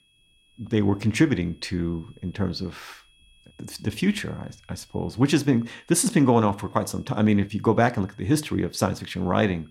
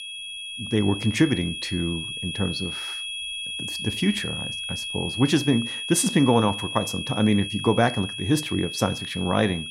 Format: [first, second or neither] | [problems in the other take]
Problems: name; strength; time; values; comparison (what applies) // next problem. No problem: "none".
first | high-pitched whine; loud; throughout; 3.5 kHz, 6 dB below the speech; faint in the first